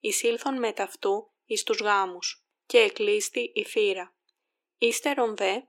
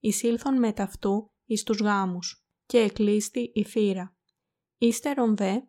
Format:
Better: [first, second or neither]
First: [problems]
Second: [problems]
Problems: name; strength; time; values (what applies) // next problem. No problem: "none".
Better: second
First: thin; very; fading below 300 Hz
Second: none